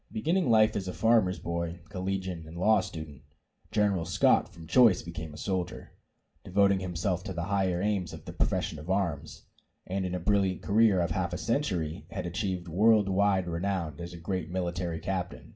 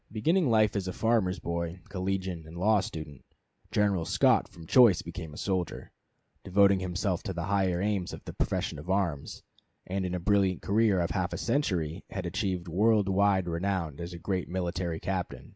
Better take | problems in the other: second | room echo; dies away in 0.3 s

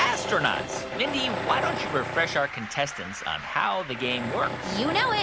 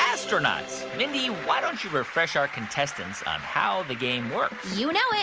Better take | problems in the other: second | background sound (Tools); 7 dB below the speech

